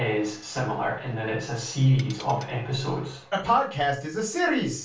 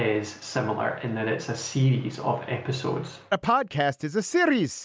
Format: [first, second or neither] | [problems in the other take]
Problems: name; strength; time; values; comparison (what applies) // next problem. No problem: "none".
second | background sound (Tools); 19 dB below the speech // room echo; dies away in 0.3 s